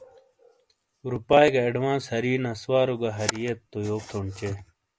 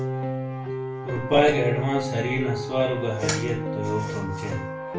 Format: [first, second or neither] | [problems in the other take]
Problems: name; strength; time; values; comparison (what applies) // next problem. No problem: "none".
first | background sound (Piano); 4 dB below the speech // room echo; dies away in 0.3 s